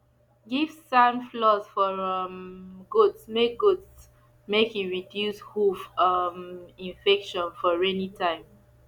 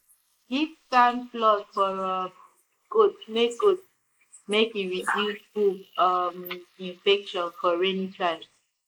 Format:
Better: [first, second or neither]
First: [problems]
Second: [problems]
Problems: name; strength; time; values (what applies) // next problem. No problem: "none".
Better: first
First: none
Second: noise reduction (neural mask model Resemble Enhance denoiser)